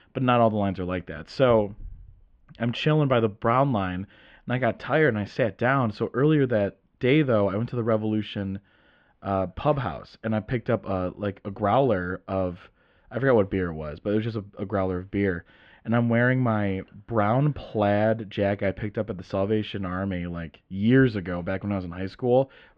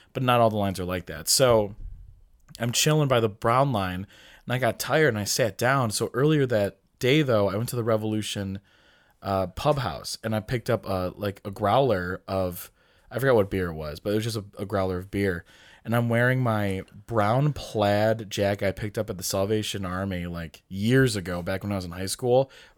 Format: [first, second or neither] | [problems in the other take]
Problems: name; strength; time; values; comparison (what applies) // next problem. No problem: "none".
second | muffled; very; fading above 3 kHz